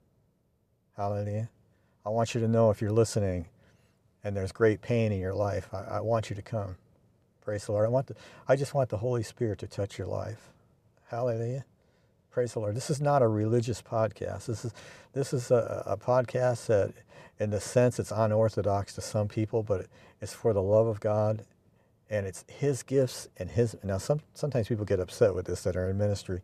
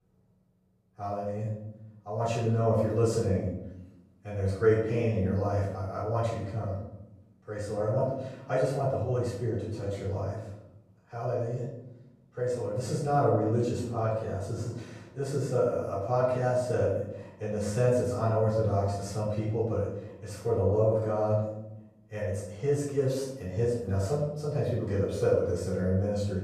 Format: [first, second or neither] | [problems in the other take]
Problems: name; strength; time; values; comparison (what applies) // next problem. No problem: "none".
first | off-mic speech; far // room echo; noticeable; dies away in 0.8 s